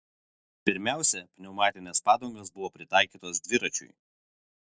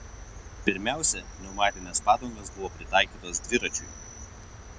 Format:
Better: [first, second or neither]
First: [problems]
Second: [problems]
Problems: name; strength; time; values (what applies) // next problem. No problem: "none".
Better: first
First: none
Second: background sound (Cricket); 13 dB below the speech